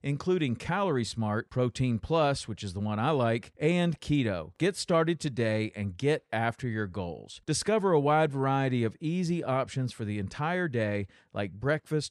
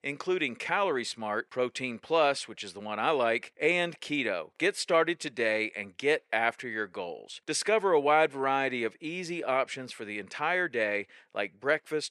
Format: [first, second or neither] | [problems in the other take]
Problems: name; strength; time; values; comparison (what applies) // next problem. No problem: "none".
first | thin; somewhat; fading below 450 Hz